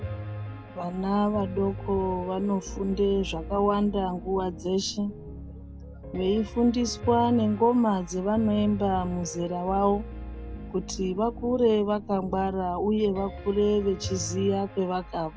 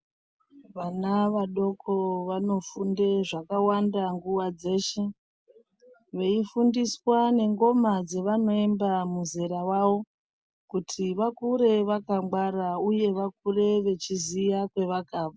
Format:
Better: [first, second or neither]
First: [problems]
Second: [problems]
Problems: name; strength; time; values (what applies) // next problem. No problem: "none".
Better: second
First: background sound (Piano); 11 dB below the speech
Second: none